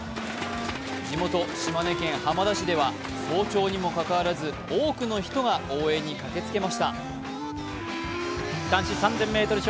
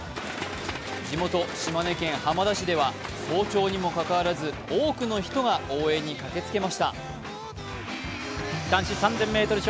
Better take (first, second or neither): second